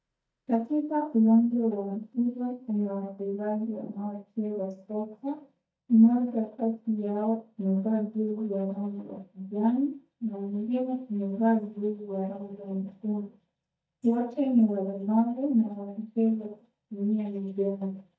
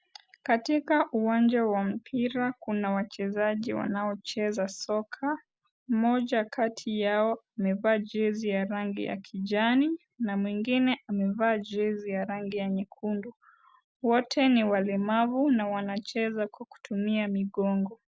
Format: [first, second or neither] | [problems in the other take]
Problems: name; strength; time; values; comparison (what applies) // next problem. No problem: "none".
second | noise reduction (neural mask model DeepFilterNet 3)